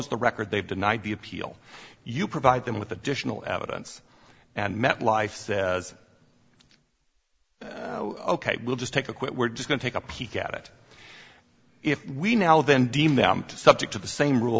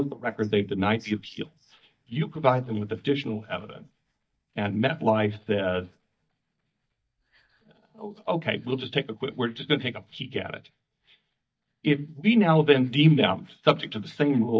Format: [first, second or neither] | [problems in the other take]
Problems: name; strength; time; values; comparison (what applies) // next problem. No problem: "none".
first | noise reduction (neural mask model DeepFilterNet 3)